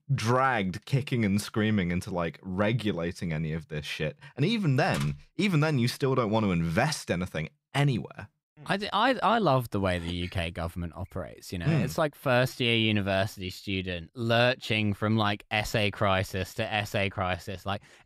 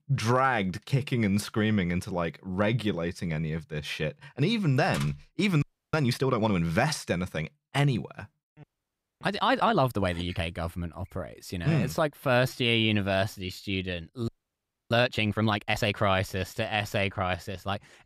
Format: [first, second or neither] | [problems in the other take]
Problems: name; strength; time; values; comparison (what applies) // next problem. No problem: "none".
first | audio freezing; at 5.5 s, at 8.5 s for 0.5 s and at 14 s for 0.5 s